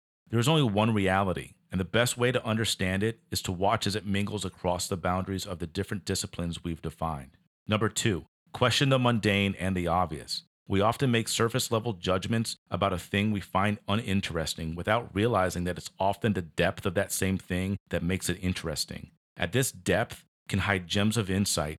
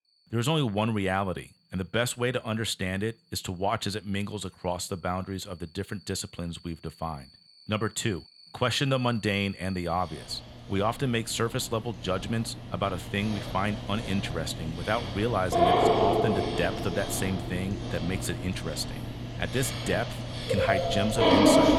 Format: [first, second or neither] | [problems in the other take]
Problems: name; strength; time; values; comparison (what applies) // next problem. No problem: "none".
first | animal sounds; very loud; throughout; 1 dB above the speech